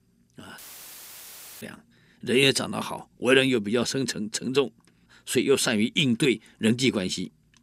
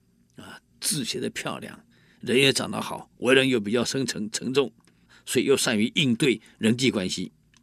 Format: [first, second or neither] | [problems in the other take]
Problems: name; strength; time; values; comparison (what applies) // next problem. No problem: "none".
second | audio cutting out; filled with static; at 0.5 s for 1 s